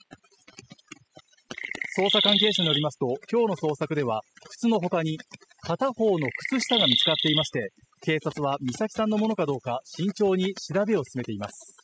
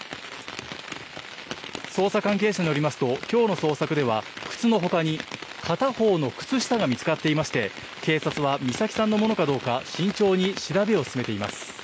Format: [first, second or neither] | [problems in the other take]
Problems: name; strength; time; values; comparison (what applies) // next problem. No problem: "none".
second | noise reduction (classical method spectral subtraction)